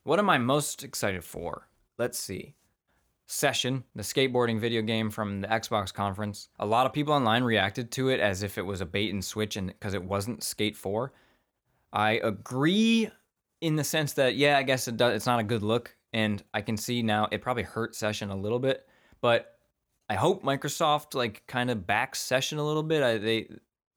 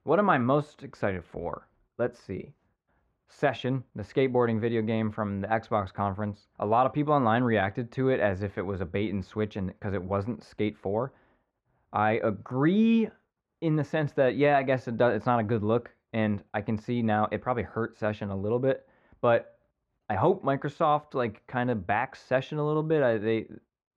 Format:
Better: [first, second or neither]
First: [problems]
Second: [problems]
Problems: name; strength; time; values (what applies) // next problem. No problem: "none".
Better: first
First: none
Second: muffled; very; fading above 1.5 kHz